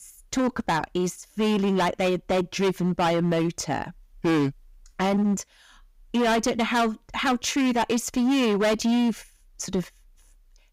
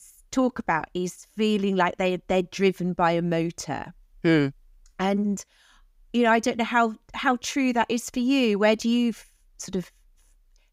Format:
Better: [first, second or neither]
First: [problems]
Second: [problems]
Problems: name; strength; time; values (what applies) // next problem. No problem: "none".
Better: second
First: distortion; heavy; 15% of the sound clipped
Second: none